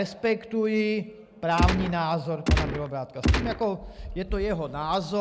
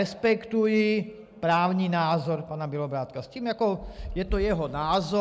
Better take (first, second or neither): second